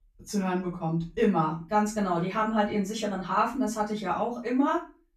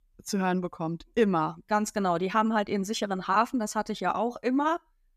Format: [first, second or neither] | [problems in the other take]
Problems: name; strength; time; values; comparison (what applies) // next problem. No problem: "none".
second | room echo; slight; dies away in 0.3 s // off-mic speech; far